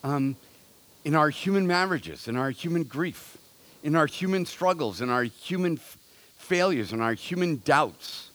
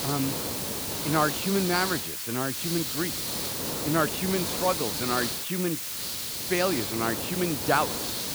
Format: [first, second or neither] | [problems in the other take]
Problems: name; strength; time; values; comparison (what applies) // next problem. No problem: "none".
first | hiss; loud; throughout; as loud as the speech; faint in the first